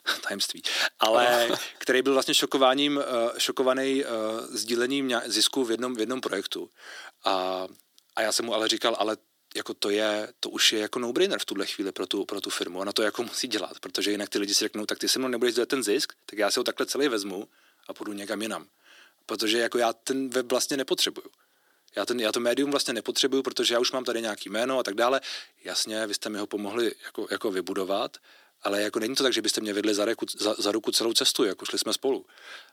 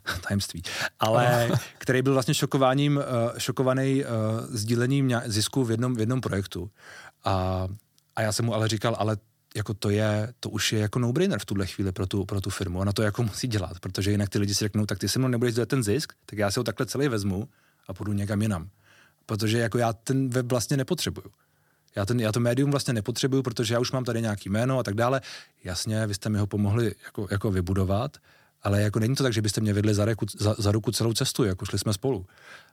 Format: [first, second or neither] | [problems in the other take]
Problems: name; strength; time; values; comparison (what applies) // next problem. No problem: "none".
second | thin; somewhat; fading below 300 Hz